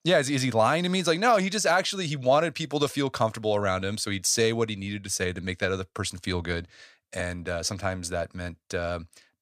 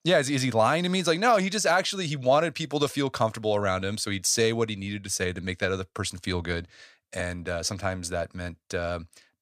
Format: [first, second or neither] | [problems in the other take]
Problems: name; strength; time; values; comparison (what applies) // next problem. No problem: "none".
neither | none